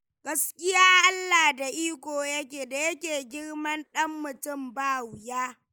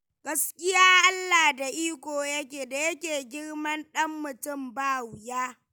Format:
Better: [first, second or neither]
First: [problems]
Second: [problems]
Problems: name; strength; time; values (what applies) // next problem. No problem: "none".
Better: second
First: noise reduction (neural mask model Resemble Enhance denoiser)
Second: none